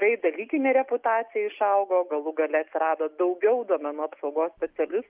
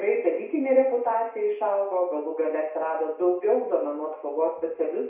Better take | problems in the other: first | room echo; dies away in 0.6 s

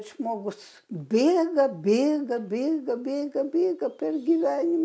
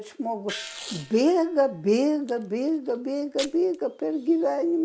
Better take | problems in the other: first | background sound (Gong + Packing tape, duct tape); 17 dB below the speech

